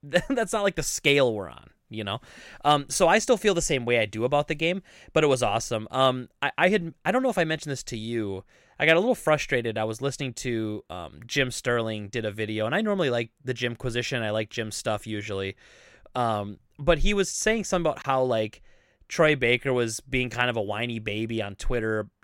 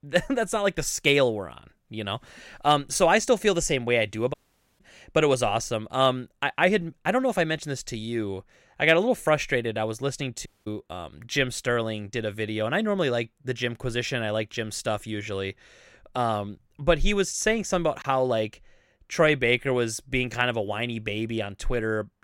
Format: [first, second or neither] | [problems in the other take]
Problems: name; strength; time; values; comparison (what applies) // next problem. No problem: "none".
first | audio cutting out; at 4.5 s and at 10 s